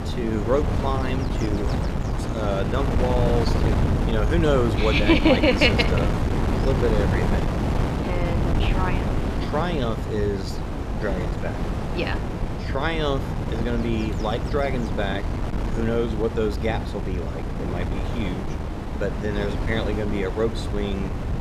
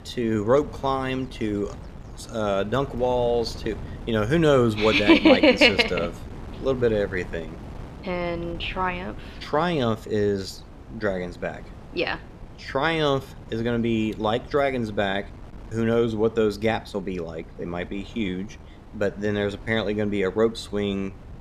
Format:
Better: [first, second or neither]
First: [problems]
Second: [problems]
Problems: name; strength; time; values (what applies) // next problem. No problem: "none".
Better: second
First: wind noise on the microphone; heavy; 5 dB below the speech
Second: wind noise on the microphone; occasional gusts; 20 dB below the speech